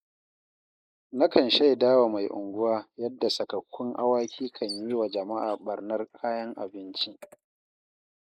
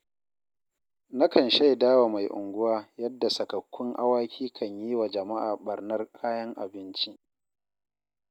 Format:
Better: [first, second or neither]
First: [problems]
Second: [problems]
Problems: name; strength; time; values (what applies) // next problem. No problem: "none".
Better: second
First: noise reduction (neural mask model Resemble Enhance denoiser)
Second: none